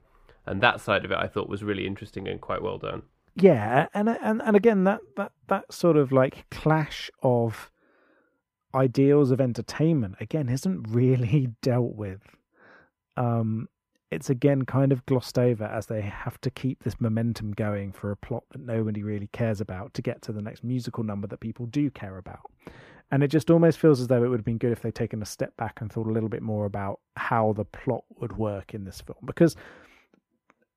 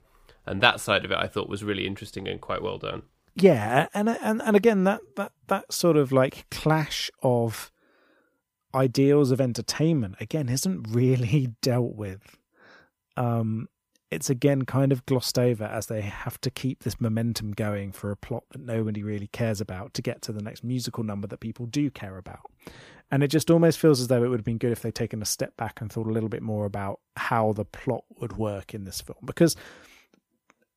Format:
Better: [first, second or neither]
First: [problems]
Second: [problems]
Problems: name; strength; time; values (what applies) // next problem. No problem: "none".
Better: second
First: muffled; slightly; fading above 3 kHz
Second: none